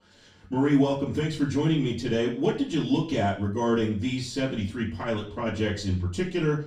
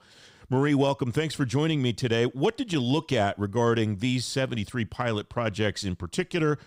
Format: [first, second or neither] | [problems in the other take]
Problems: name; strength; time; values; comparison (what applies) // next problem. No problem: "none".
second | room echo; slight; dies away in 0.4 s // off-mic speech; far